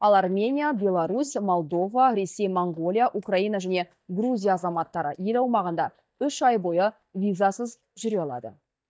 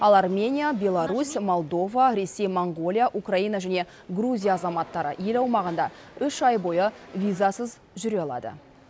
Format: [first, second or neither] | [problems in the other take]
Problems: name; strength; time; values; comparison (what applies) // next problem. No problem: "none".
second | noise reduction (neural mask model DeepFilterNet 3)